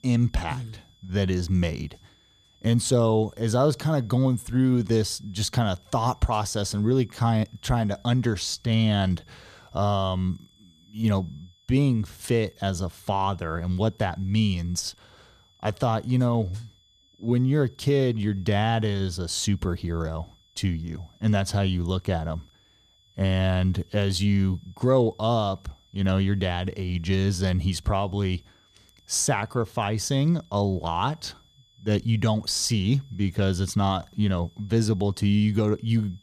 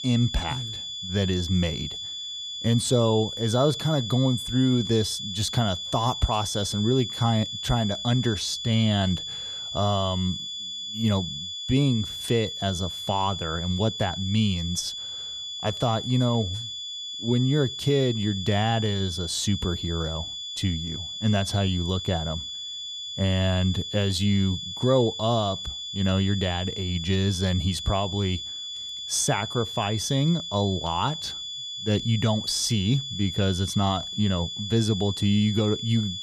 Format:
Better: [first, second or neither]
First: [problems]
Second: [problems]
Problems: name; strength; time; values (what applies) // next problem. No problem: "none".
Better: first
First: high-pitched whine; faint; throughout; 3.5 kHz, 35 dB below the speech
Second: high-pitched whine; loud; throughout; 3.5 kHz, 6 dB below the speech